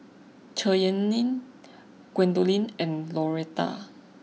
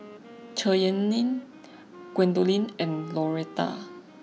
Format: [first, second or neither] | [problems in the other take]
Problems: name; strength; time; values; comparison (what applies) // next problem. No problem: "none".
first | background sound (Wind instrument, woodwind instrument); 19 dB below the speech